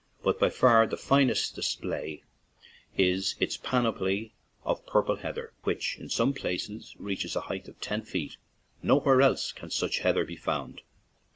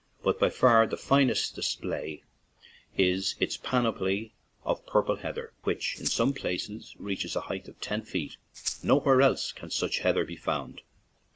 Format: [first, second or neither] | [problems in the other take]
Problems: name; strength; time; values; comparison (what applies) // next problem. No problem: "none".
first | background sound (Rattle (instrument)); 8 dB below the speech